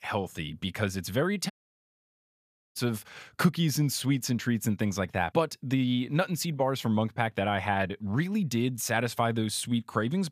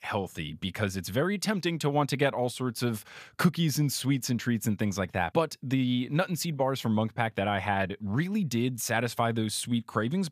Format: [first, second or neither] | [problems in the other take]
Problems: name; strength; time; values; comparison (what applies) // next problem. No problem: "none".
second | audio cutting out; at 1.5 s for 1.5 s